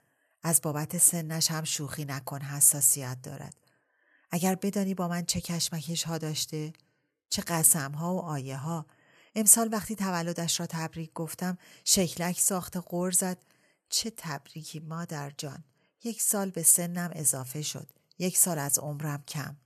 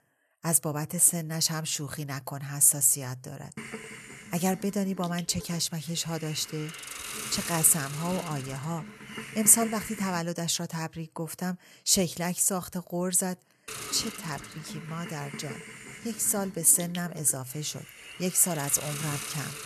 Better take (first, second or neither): first